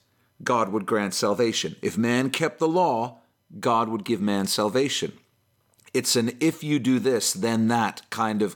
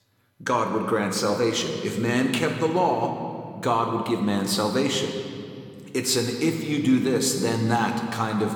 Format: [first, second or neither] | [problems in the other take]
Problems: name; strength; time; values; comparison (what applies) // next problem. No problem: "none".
first | room echo; slight; dies away in 2.2 s